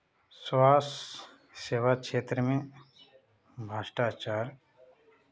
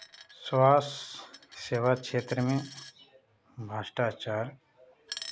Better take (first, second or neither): first